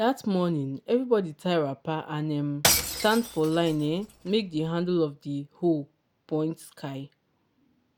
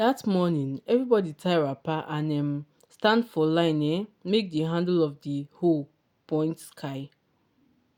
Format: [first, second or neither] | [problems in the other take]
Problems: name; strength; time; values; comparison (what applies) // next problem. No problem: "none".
second | background sound (Shatter / Crushing); 3 dB below the speech